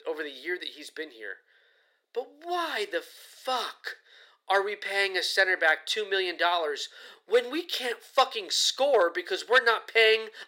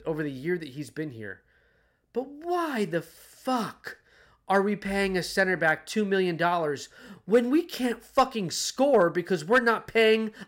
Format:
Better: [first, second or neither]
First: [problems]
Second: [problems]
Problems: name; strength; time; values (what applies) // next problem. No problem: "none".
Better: second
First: thin; very; fading below 400 Hz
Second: none